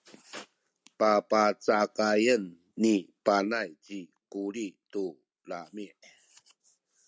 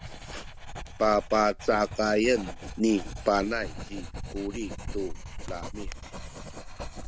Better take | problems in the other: first | background sound (Writing); 9 dB below the speech

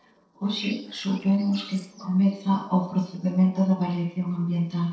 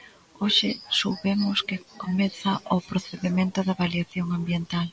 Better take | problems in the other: second | noise reduction (neural separator model SepFormer DNS4)

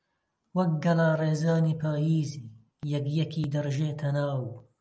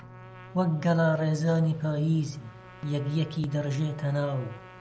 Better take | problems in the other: first | background sound (Microwave oven + Trumpet); 20 dB below the speech

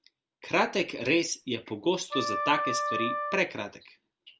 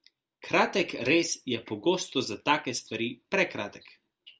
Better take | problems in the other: second | background sound (Wind instrument, woodwind instrument); 3 dB below the speech

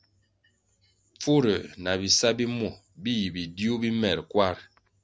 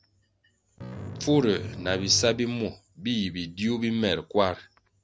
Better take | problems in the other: first | background sound (Bass guitar); 10 dB below the speech

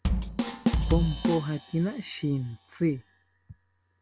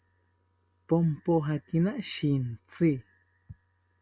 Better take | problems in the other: second | background sound (Bass drum / Drum kit); as loud as the speech

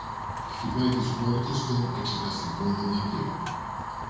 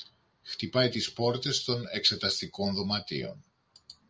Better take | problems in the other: second | background sound (Fire); 5 dB below the speech // room echo; dies away in 1.2 s

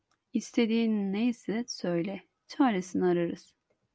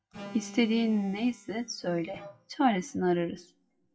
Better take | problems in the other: first | noise reduction (classical method WPE with log-MMSE)

